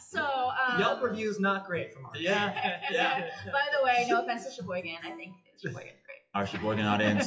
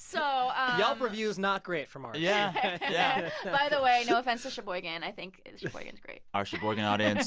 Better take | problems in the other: second | noise reduction (classical method WPE with log-MMSE)

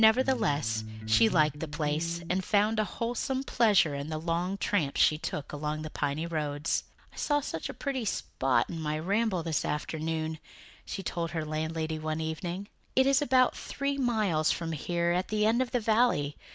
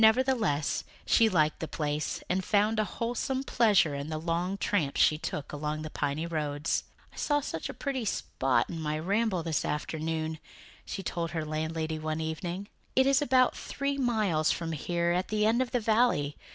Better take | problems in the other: second | background sound (Electric guitar); 9 dB below the speech

